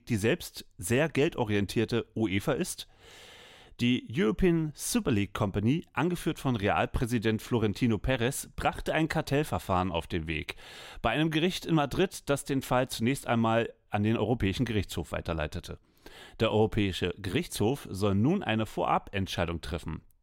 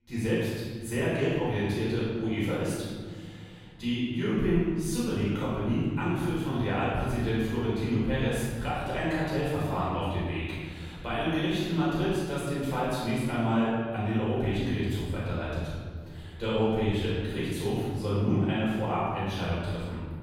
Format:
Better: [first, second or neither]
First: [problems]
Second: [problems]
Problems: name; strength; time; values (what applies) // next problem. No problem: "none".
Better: first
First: none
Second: off-mic speech; far // room echo; strong; dies away in 1.9 s